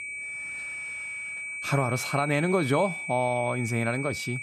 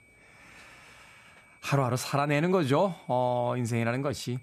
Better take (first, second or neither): second